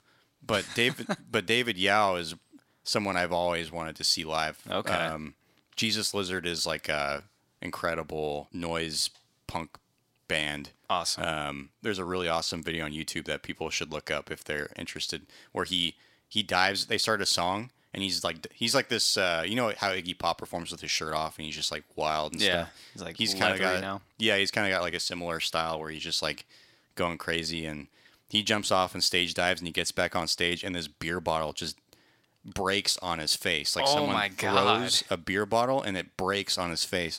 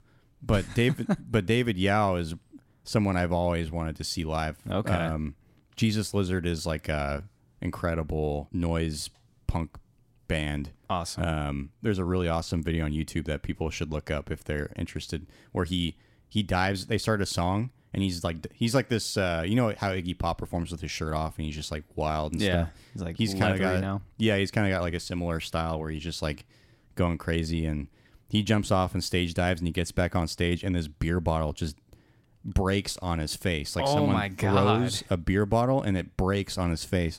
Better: second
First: thin; somewhat; fading below 800 Hz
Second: none

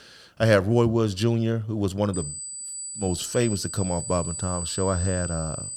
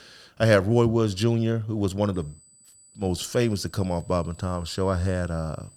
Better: second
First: high-pitched whine; loud; from 2 s on; 8 kHz, 7 dB below the speech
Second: high-pitched whine; faint; from 2 s on; 8 kHz, 25 dB below the speech

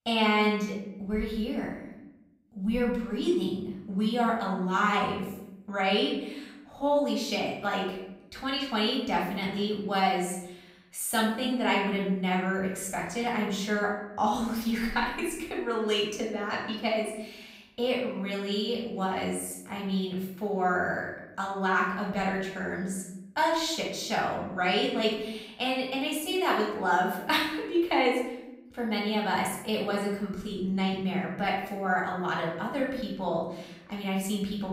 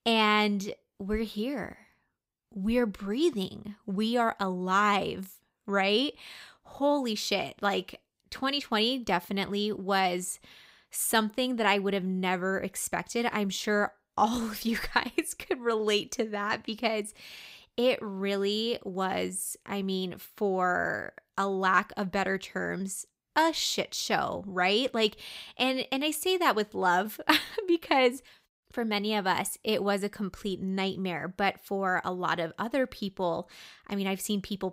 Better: second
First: off-mic speech; far // room echo; noticeable; dies away in 0.8 s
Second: none

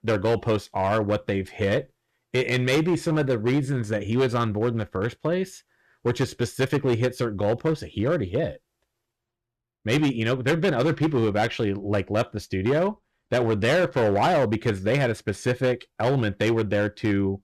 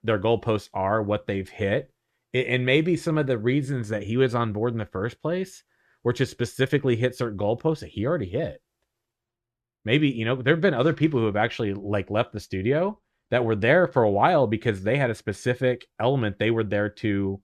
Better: second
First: distortion; slight; 9% of the sound clipped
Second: none

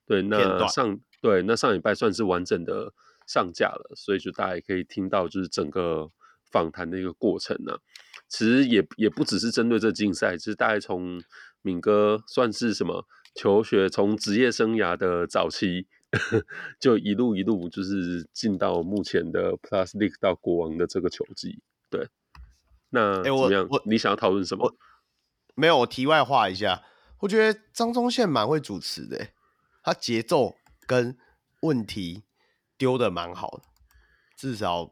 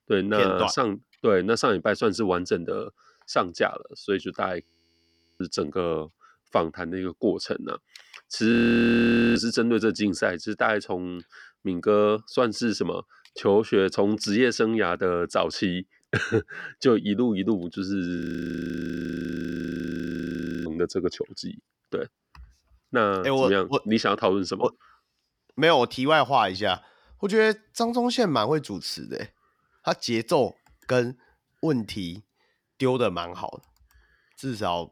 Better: first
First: none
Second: audio freezing; at 4.5 s for 1 s, at 8.5 s for 1 s and at 18 s for 2.5 s

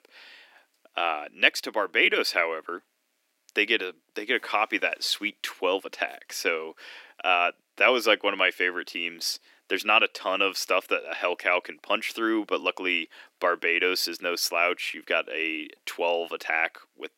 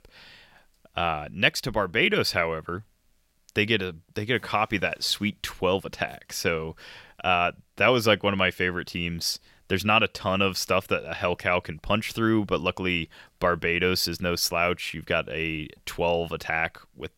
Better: second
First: thin; somewhat; fading below 300 Hz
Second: none

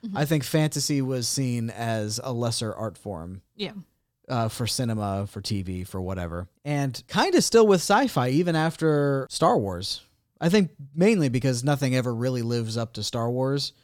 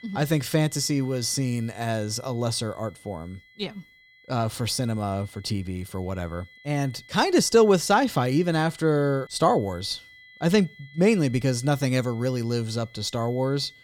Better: first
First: none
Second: high-pitched whine; faint; throughout; 2 kHz, 25 dB below the speech

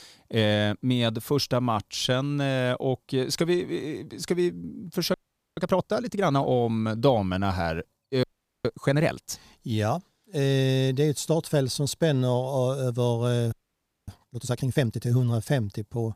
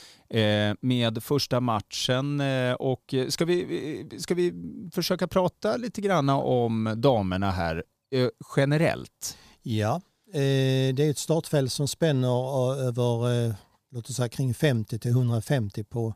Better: second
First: audio freezing; at 5 s, at 8 s and at 14 s for 0.5 s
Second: none

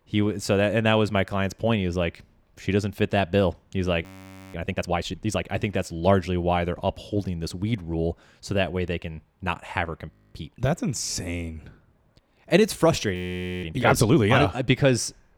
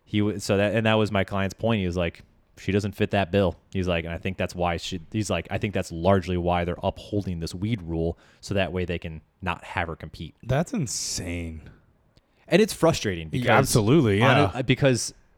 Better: second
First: audio freezing; at 4 s for 0.5 s, at 10 s and at 13 s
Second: none

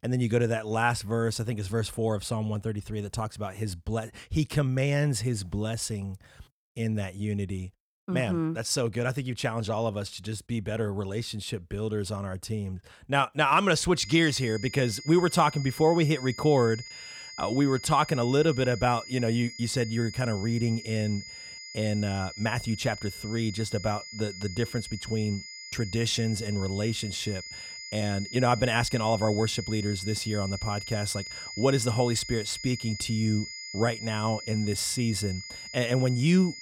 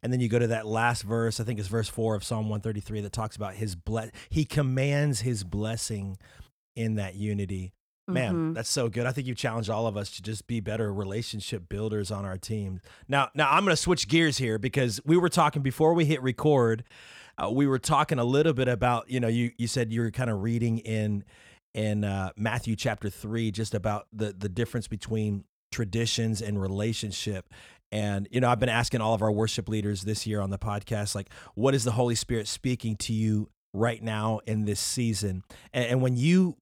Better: second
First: high-pitched whine; noticeable; from 14 s on; 5 kHz, 10 dB below the speech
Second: none

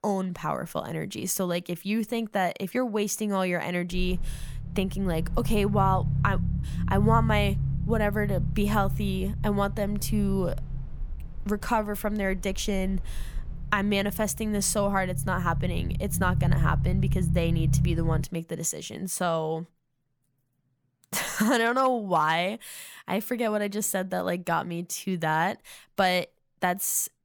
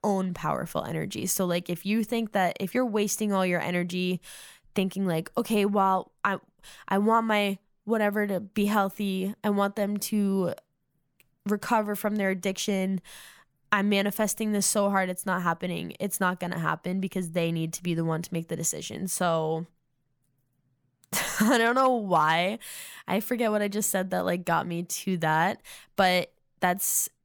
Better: second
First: low rumble; noticeable; from 4 to 18 s; 15 dB below the speech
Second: none

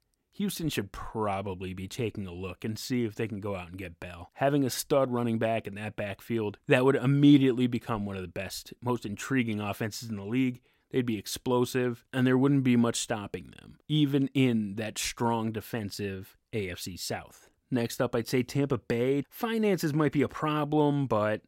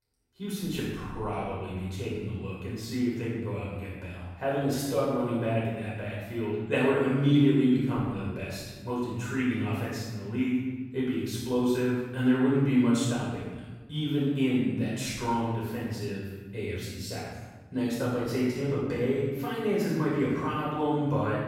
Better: first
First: none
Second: room echo; strong; dies away in 1.3 s // off-mic speech; far

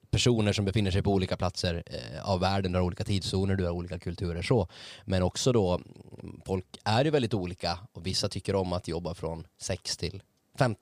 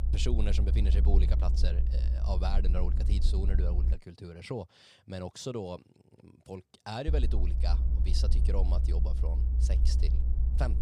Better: first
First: none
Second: low rumble; loud; until 4 s and from 7 s on; 7 dB below the speech

